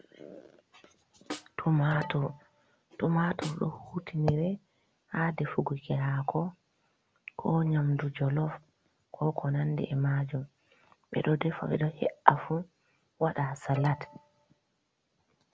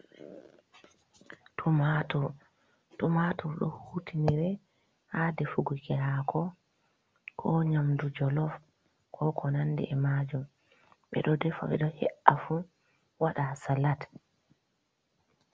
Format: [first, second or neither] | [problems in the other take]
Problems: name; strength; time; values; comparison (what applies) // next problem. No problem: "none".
second | background sound (Snare drum + Alarm); 15 dB below the speech